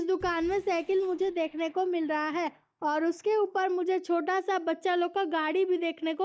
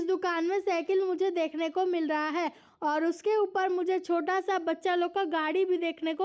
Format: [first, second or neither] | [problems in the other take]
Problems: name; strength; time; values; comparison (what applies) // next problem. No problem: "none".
second | noise reduction (neural mask model DeepFilterNet 3)